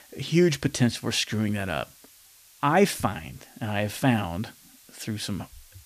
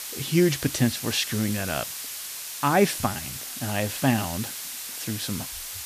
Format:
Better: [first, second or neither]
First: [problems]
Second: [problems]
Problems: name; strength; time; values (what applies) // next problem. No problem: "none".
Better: first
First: hiss; faint; throughout; 25 dB below the speech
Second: hiss; loud; throughout; 7 dB below the speech